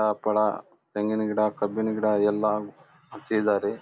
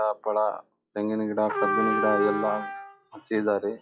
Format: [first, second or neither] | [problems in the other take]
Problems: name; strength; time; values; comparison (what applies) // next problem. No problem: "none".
first | noise reduction (classical method log-MMSE)